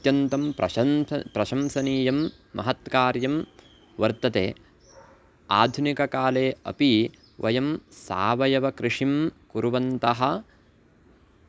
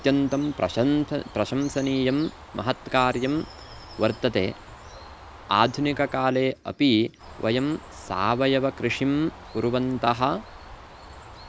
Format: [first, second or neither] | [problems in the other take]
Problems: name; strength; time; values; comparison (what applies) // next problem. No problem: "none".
first | background sound (Bird); 19 dB below the speech